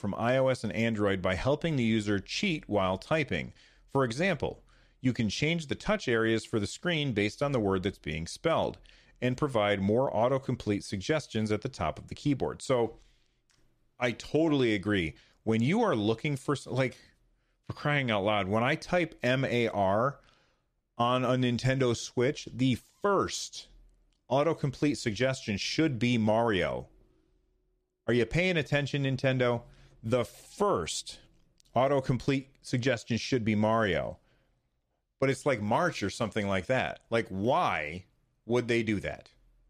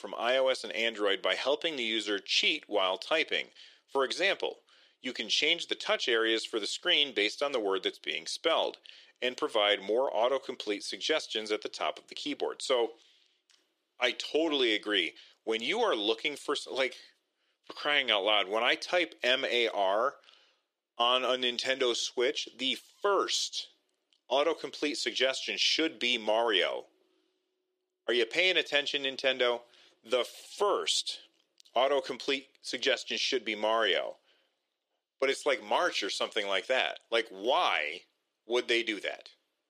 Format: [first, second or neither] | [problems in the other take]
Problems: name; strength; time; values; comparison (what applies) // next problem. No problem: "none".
first | thin; somewhat; fading below 350 Hz